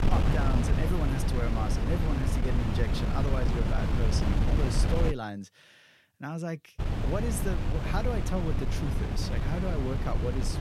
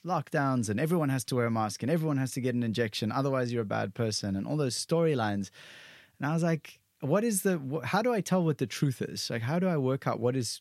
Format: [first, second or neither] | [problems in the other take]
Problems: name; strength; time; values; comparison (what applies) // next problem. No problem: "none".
second | wind noise on the microphone; heavy; until 5 s and from 7 s on; as loud as the speech